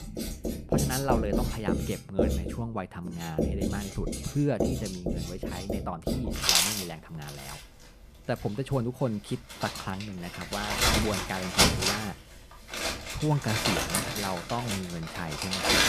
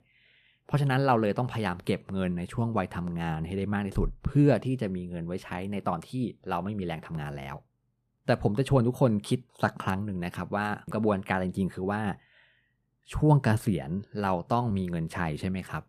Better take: second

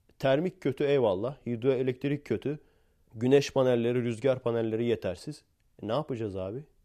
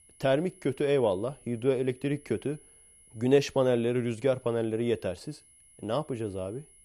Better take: first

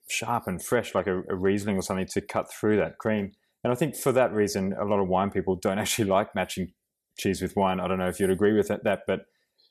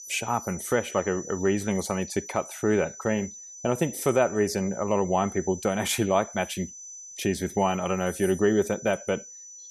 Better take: first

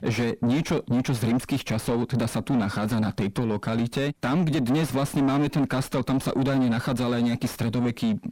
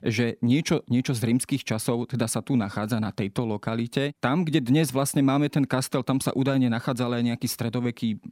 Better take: second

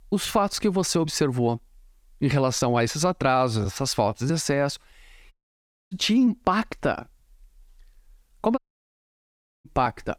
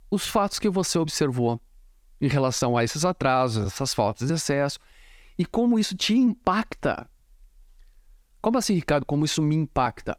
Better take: second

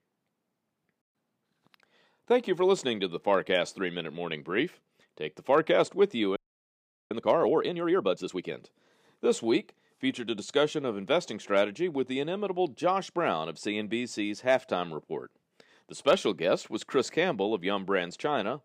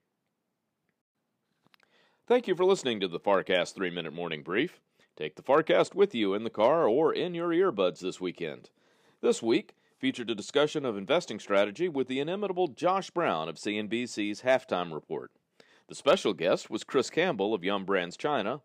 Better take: second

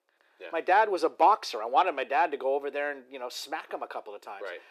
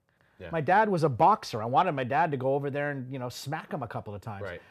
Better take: second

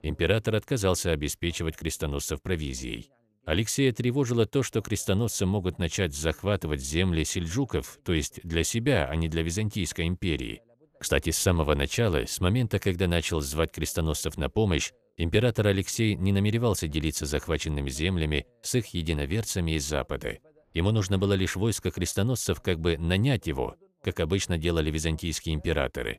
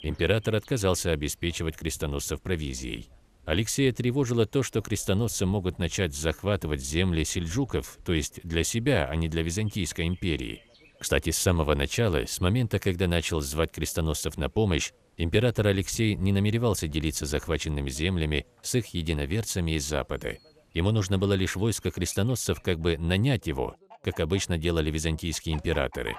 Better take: first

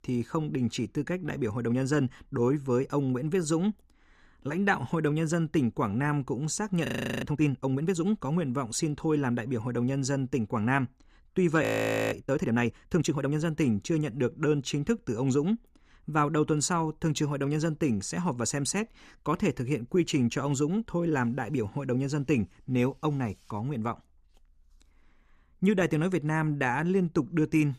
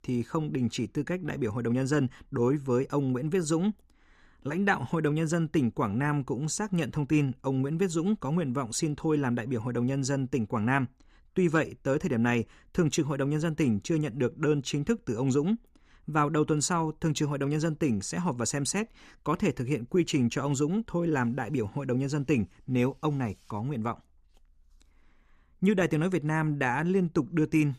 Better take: second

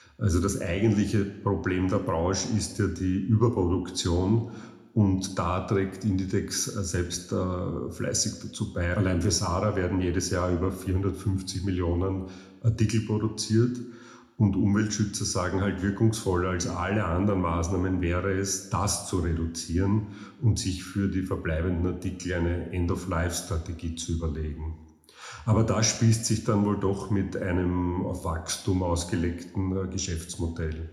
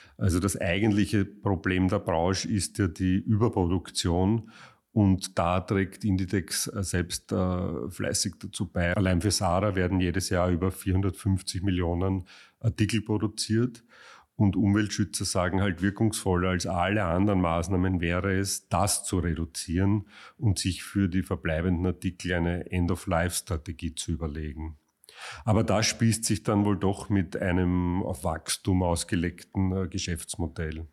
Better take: second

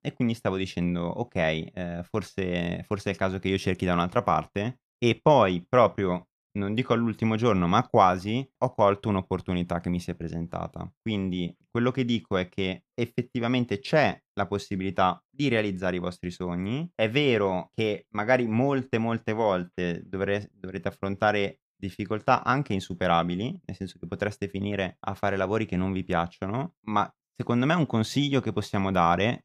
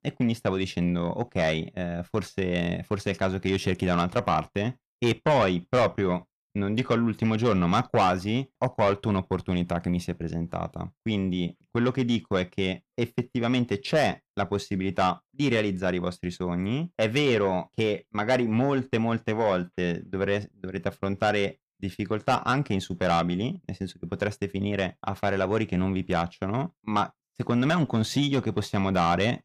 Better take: first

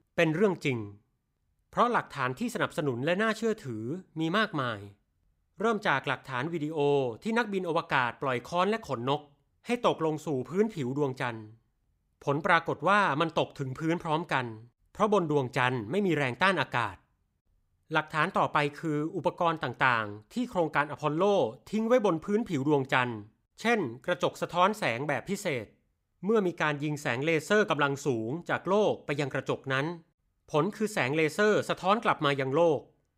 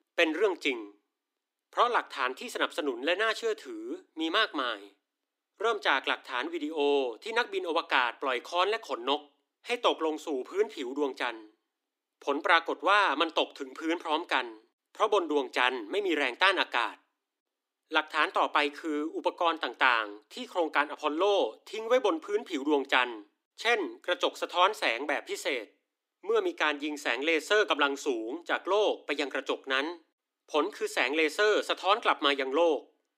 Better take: first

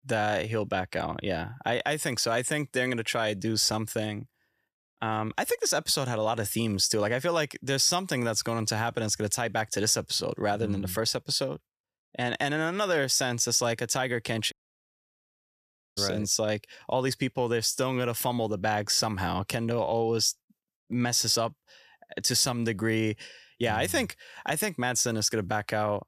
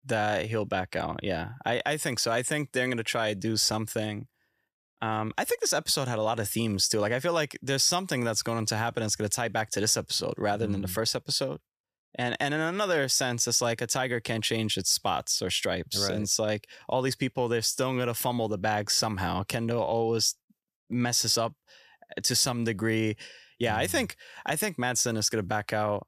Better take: second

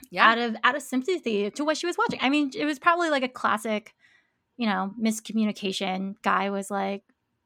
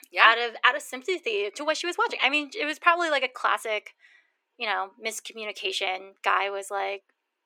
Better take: first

